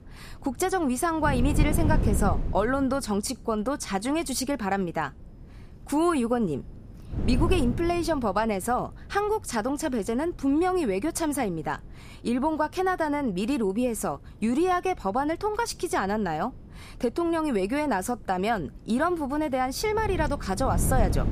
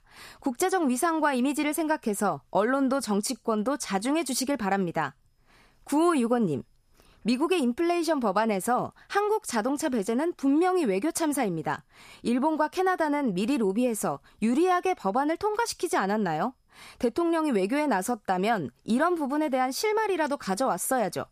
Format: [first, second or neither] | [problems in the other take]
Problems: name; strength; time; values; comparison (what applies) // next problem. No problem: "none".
second | wind noise on the microphone; occasional gusts; 10 dB below the speech